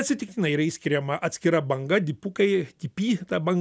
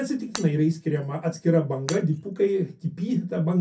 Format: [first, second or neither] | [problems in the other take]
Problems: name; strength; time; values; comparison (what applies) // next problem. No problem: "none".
first | background sound (Shatter); 18 dB below the speech // room echo; dies away in 0.3 s